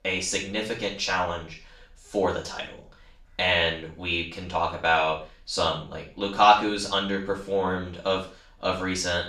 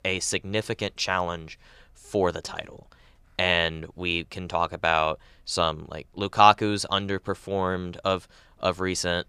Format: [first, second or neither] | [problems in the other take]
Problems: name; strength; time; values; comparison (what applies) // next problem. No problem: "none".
second | room echo; noticeable; dies away in 0.4 s // off-mic speech; far